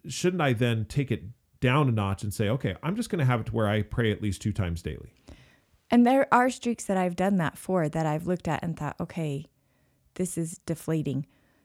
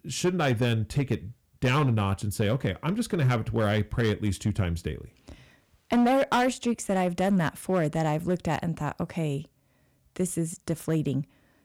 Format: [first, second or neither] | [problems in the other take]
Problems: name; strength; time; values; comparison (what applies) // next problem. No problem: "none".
first | distortion; slight; 5% of the sound clipped